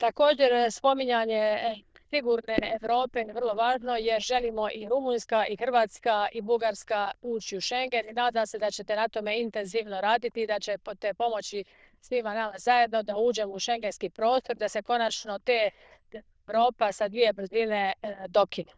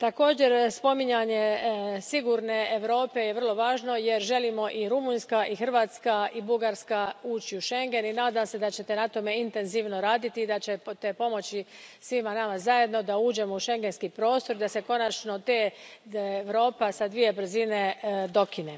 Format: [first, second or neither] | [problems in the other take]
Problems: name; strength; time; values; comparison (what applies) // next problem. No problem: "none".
second | noise reduction (neural diffusion model UNIVERSE++)